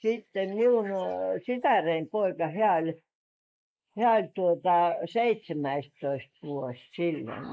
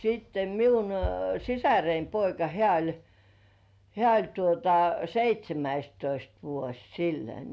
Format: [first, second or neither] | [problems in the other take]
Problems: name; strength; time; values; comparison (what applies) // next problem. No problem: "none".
second | noise reduction (neural mask model Resemble Enhance denoiser)